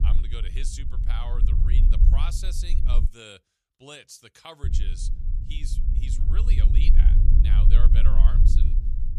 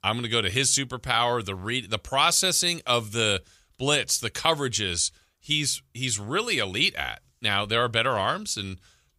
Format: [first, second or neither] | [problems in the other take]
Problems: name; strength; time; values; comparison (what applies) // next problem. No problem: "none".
second | low rumble; loud; until 3 s and from 4.5 s on; 3 dB below the speech